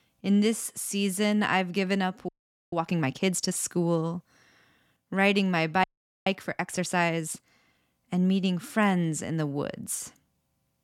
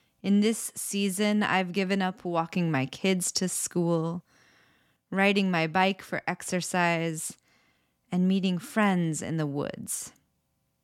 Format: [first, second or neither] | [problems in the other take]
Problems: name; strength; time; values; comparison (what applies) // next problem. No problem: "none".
second | audio freezing; at 2.5 s and at 6 s